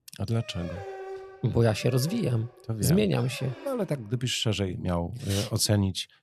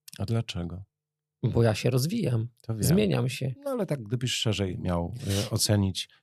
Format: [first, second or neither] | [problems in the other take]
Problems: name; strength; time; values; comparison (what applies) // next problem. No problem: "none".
second | dog barking; faint; until 4 s; peak 10 dB below the speech